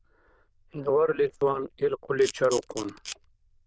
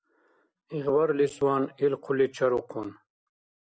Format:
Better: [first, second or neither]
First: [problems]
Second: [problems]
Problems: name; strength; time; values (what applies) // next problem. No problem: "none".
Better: second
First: noise reduction (neural diffusion model UNIVERSE++)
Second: none